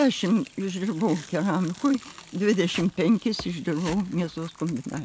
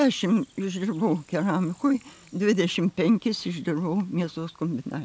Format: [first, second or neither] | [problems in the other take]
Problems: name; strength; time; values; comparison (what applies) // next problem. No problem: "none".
second | background sound (Tearing); 19 dB below the speech